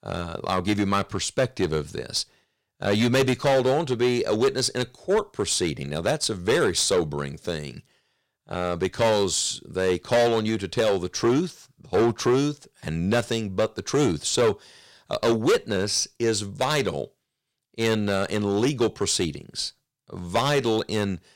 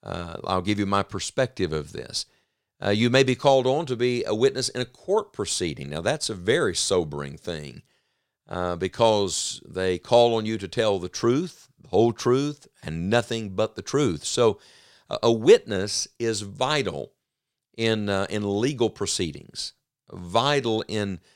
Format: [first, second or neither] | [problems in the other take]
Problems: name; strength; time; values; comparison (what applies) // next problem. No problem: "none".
second | distortion; heavy; 6% of the sound clipped